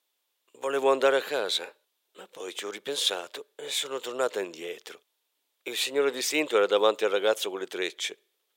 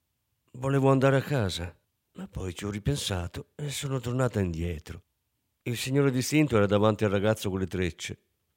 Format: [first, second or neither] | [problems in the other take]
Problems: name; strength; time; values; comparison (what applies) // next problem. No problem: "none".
second | thin; very; fading below 400 Hz